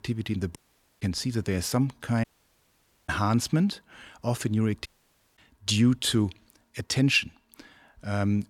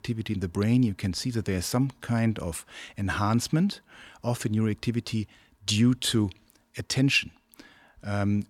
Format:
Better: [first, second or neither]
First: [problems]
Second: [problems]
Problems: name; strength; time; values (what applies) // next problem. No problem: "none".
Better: second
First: audio cutting out; at 0.5 s, at 2 s for 1 s and at 5 s for 0.5 s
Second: none